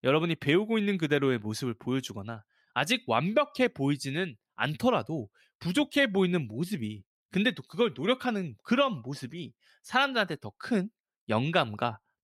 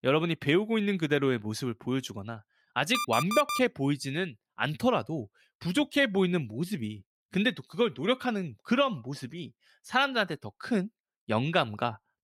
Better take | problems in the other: first | alarm; noticeable; at 3 s; peak 2 dB below the speech

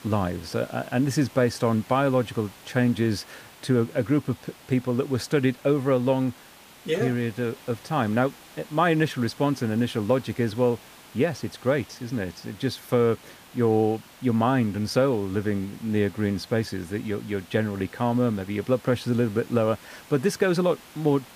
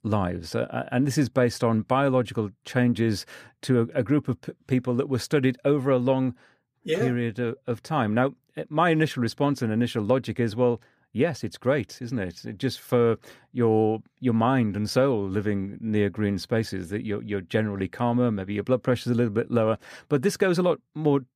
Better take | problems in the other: second | hiss; faint; throughout; 20 dB below the speech

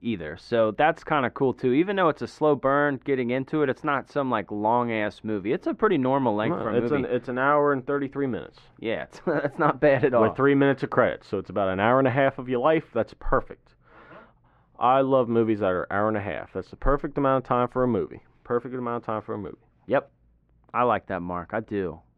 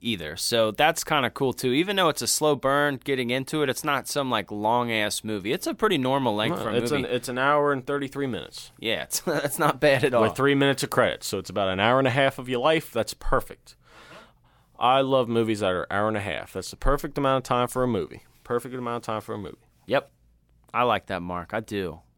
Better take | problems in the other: second | muffled; very; fading above 1.5 kHz

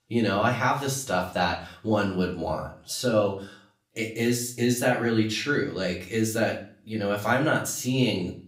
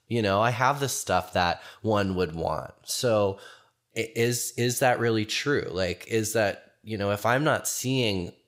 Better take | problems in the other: second | room echo; slight; dies away in 0.4 s // off-mic speech; far

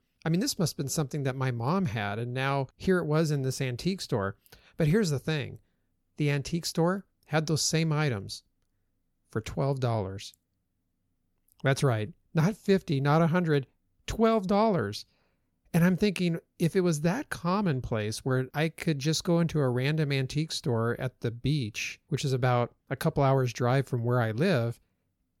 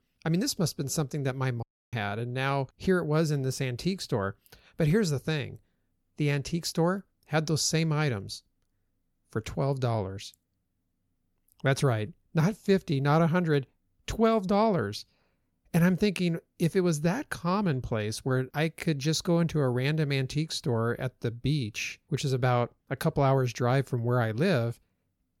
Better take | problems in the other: first | audio cutting out; at 1.5 s

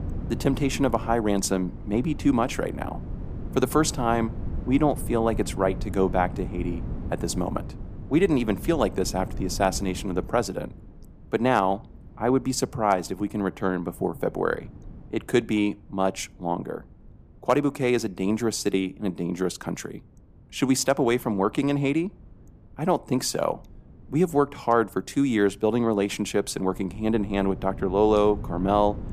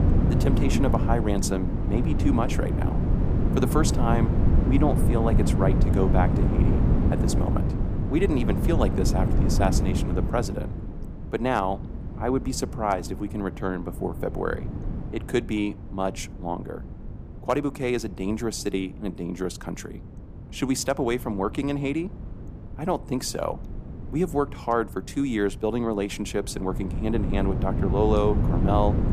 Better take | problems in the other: first | wind noise on the microphone; heavy; 5 dB below the speech; occasional gusts in the first

